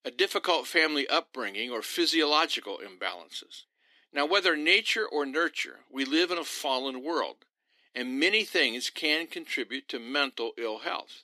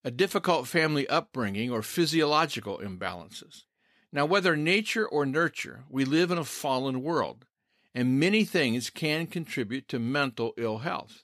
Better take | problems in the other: second | thin; somewhat; fading below 300 Hz

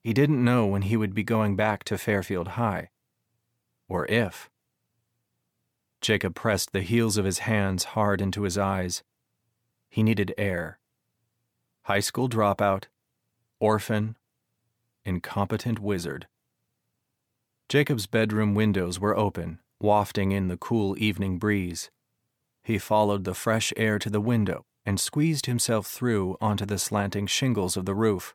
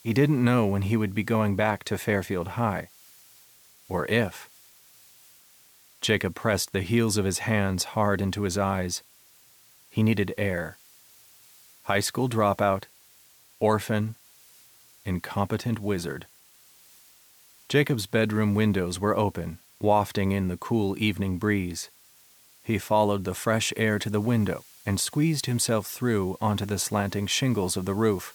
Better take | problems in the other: first | hiss; faint; throughout; 25 dB below the speech

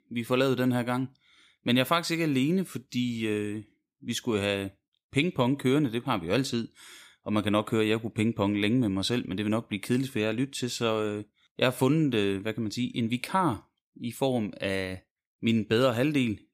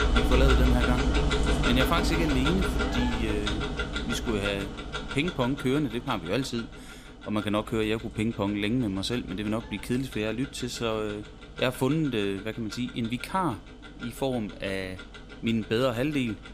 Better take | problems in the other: first | household noises; very loud; throughout; 1 dB above the speech

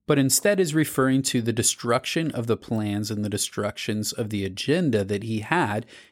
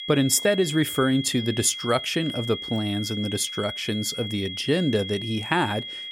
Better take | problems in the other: first | high-pitched whine; loud; throughout; 3.5 kHz, 8 dB below the speech

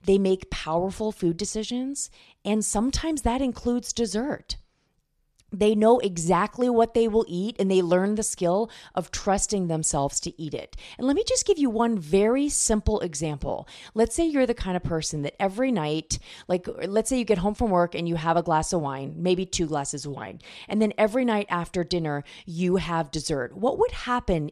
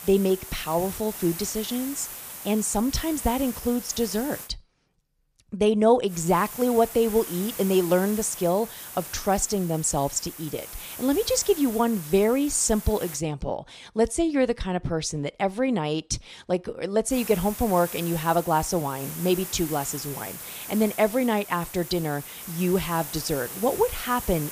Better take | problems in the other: first | hiss; noticeable; until 4.5 s, from 6 to 13 s and from 17 s on; 10 dB below the speech

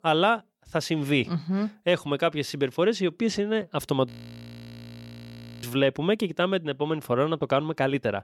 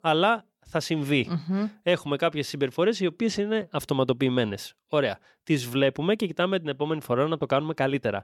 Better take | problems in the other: second | audio freezing; at 4 s for 1.5 s

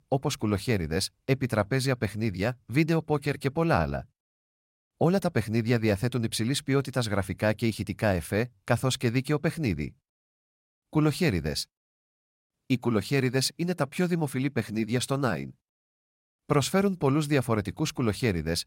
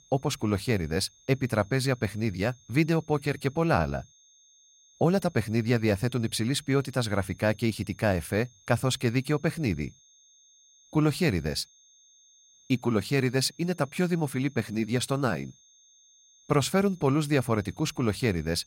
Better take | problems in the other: first | high-pitched whine; faint; throughout; 6.5 kHz, 30 dB below the speech

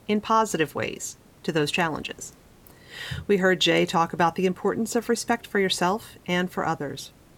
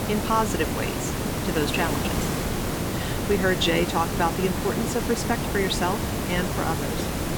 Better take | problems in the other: first | hiss; loud; throughout; 1 dB below the speech; faint in the first

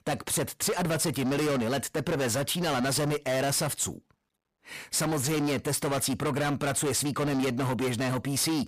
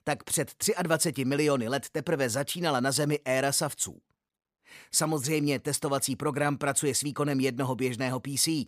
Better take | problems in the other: second | distortion; heavy; 6 dB below the speech

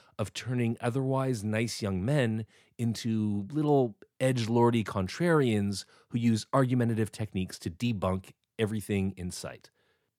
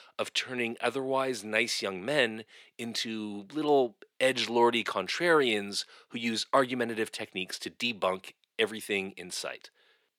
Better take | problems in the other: first | thin; somewhat; fading below 400 Hz

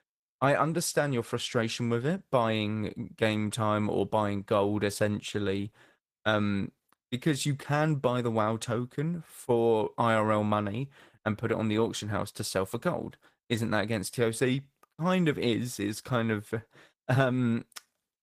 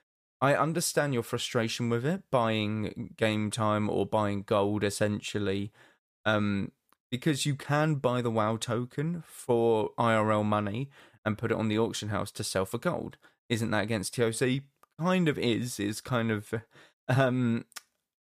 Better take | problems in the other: second | garbled, watery; slightly

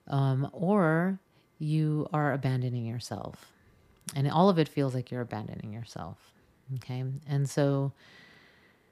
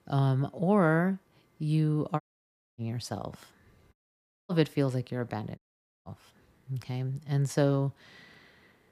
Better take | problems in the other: first | audio cutting out; at 2 s for 0.5 s, at 4 s for 0.5 s and at 5.5 s

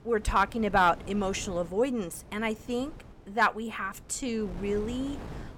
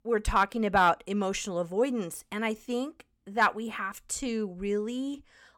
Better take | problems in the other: second | wind noise on the microphone; occasional gusts; 20 dB below the speech

